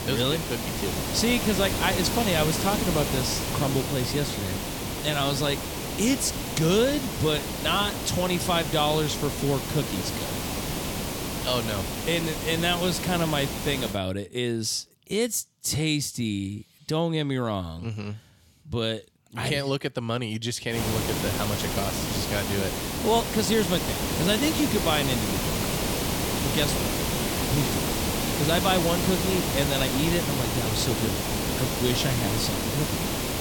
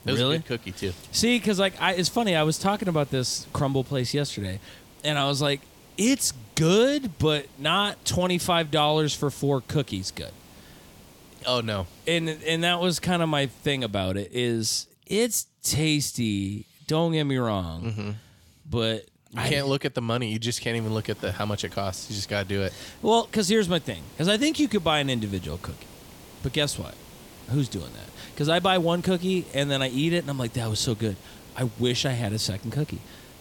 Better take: second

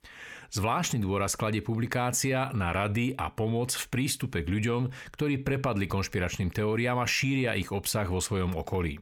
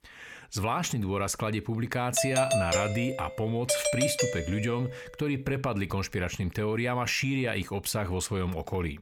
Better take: first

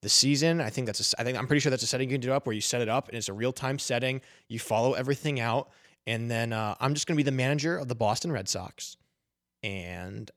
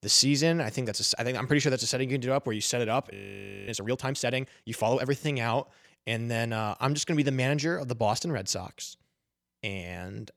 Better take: first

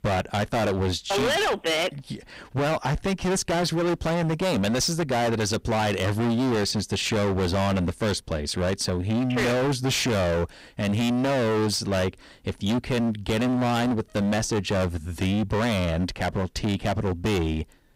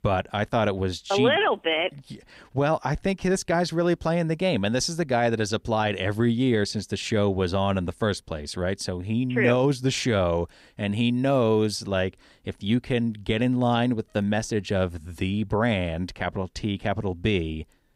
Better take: second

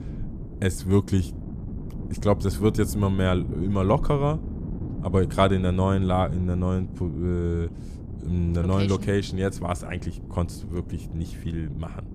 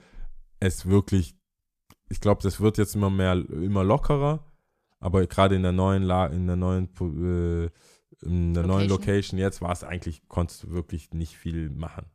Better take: second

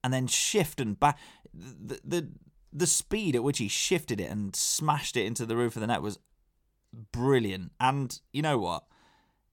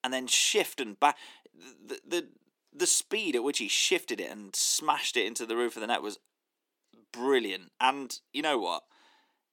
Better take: first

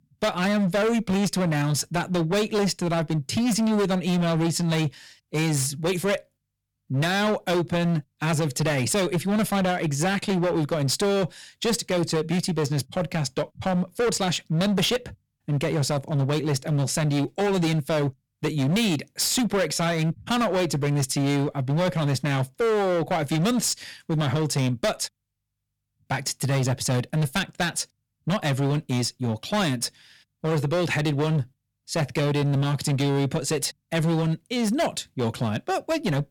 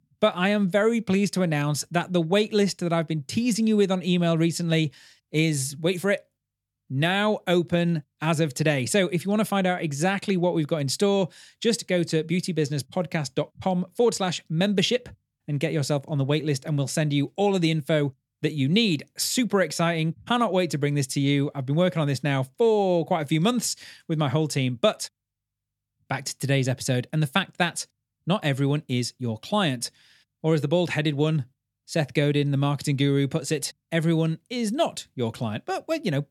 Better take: second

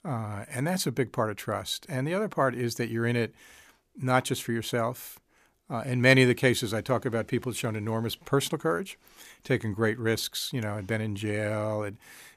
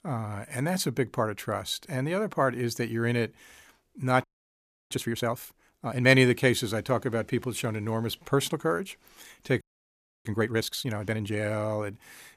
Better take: first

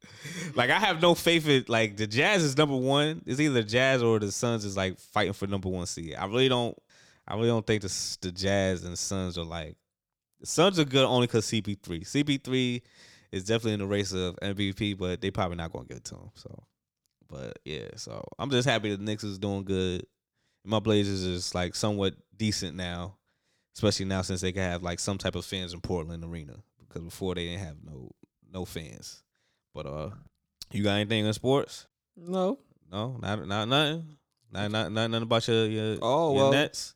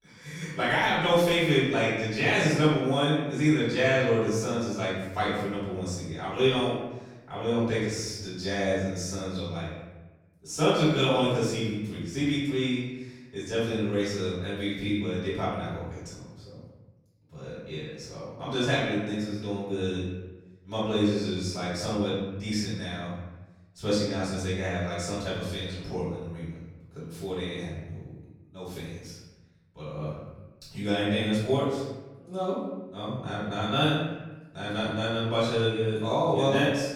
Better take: first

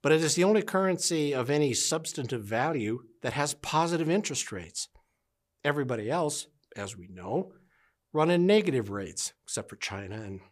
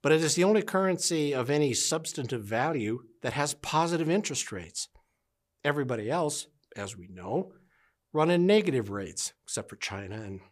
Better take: neither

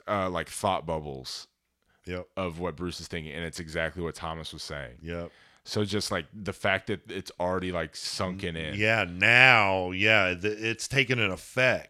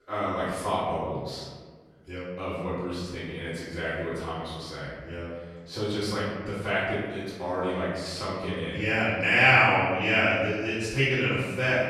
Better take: first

